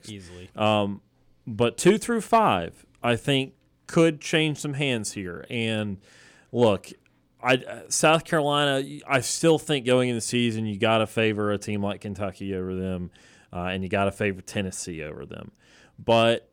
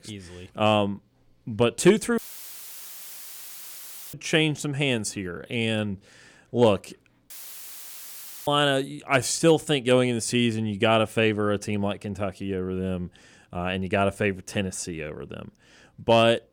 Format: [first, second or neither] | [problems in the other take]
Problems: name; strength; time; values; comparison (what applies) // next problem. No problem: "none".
first | audio cutting out; filled with static; at 2 s for 2 s and at 7.5 s for 1 s